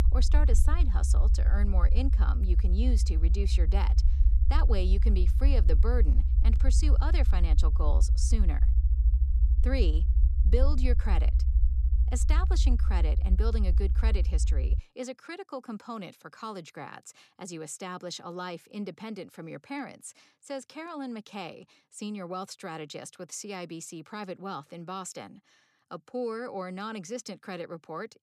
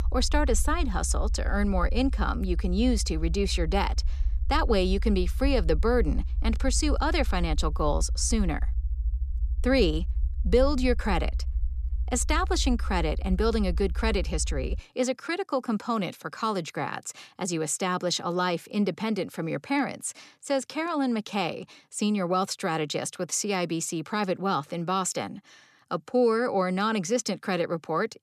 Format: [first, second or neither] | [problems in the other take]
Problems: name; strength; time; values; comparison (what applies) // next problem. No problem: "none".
second | low rumble; loud; until 15 s; 9 dB below the speech; faint in the second